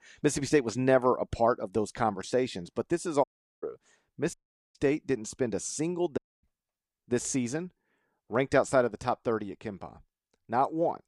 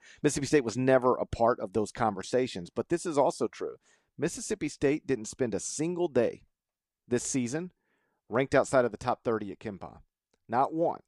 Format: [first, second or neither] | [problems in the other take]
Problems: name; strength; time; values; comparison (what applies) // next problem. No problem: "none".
second | audio cutting out; at 3 s, at 4.5 s and at 6 s